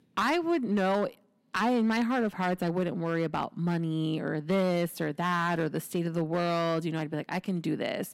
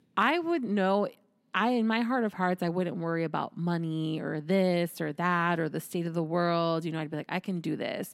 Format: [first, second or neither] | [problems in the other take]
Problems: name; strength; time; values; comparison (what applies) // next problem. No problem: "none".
second | distortion; slight; 5% of the sound clipped